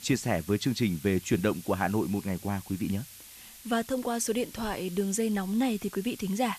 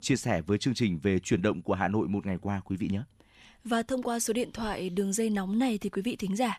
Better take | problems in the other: second | hiss; noticeable; throughout; 15 dB below the speech

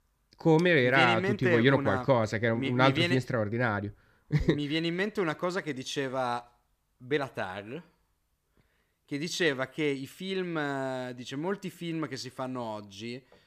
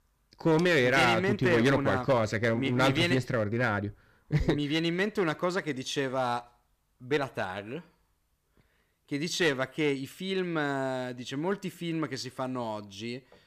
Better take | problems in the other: first | distortion; slight; 4% of the sound clipped

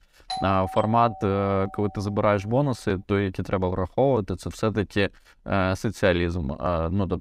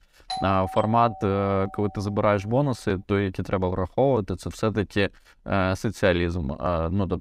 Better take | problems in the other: neither | doorbell; noticeable; until 2 s; peak 7 dB below the speech; the same in both

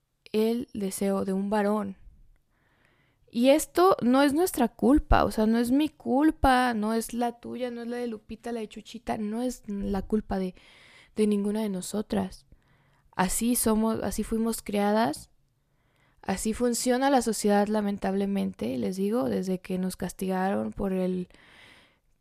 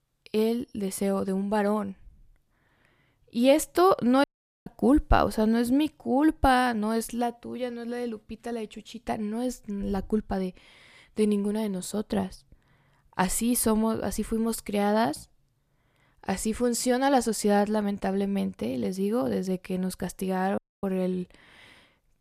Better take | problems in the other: first | audio cutting out; at 4 s and at 21 s

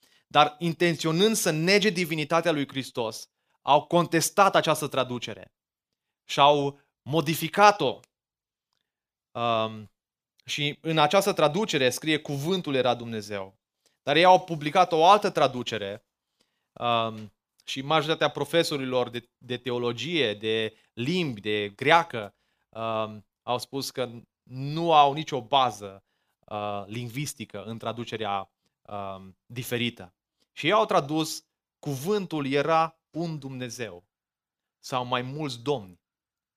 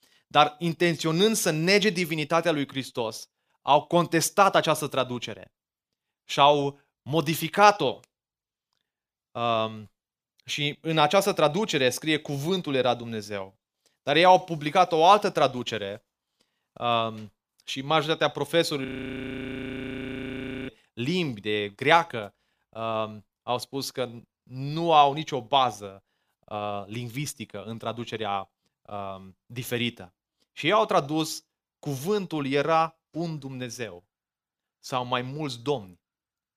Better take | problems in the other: first | audio freezing; at 19 s for 2 s

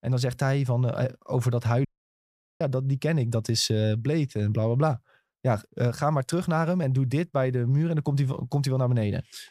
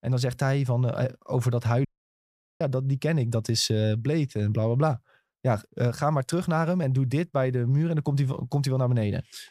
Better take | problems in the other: neither | audio cutting out; at 2 s for 1 s; the same in both

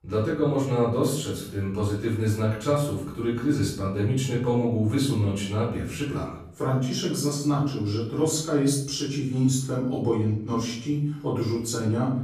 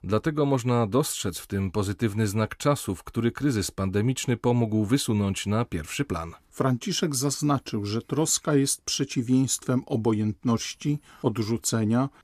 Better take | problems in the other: second | off-mic speech; far // room echo; noticeable; dies away in 0.6 s

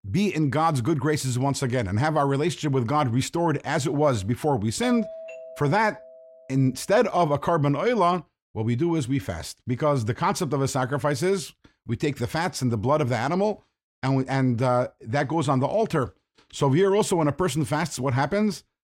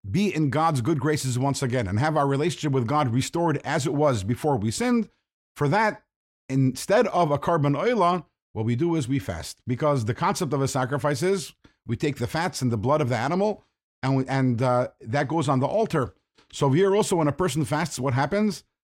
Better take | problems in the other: second | doorbell; faint; from 5 to 6.5 s; peak 10 dB below the speech

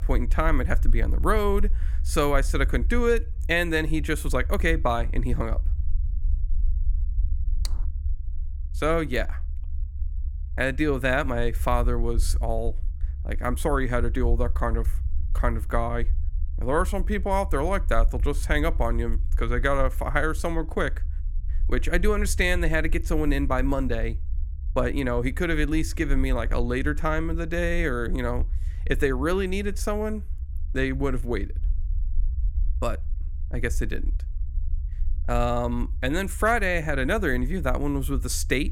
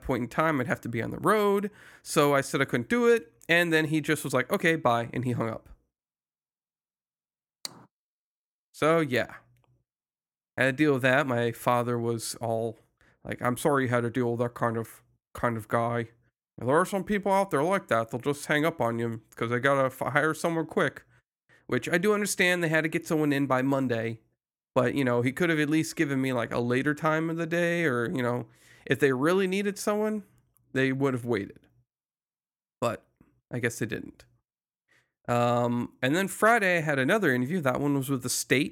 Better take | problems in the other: second | low rumble; faint; throughout; 25 dB below the speech

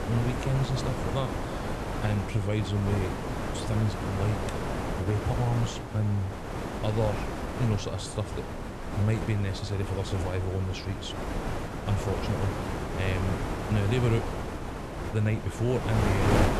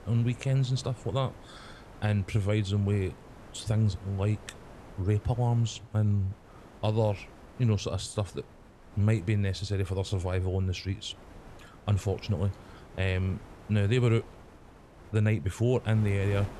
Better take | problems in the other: second | wind noise on the microphone; heavy; 1 dB above the speech; occasional gusts in the second

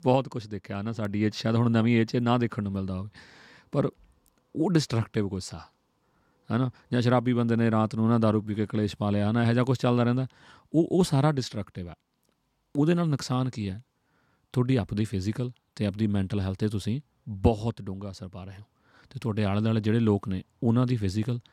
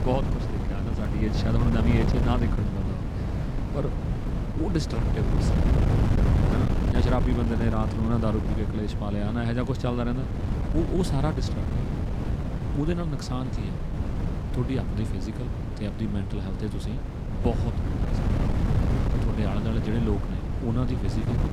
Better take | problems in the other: first | wind noise on the microphone; heavy; 2 dB below the speech

